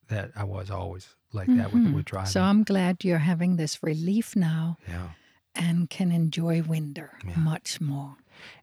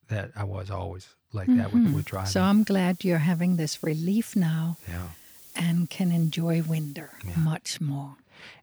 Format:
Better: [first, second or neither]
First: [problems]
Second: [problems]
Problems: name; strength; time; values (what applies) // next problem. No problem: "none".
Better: first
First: none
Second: hiss; faint; from 2 to 7.5 s; 20 dB below the speech